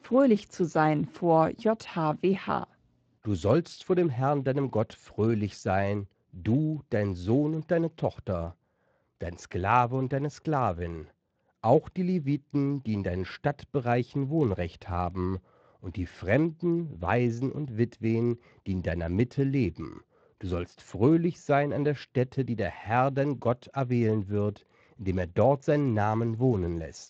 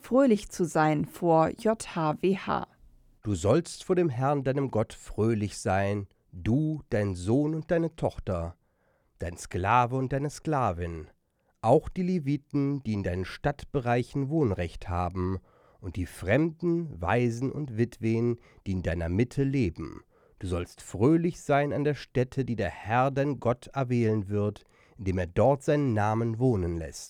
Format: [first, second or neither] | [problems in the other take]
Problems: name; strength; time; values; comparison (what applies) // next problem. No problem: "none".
second | garbled, watery; slightly